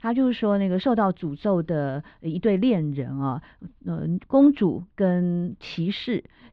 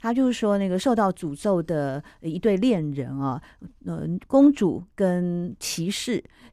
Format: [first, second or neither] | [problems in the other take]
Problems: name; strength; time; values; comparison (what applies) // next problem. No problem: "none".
second | muffled; slightly; fading above 4 kHz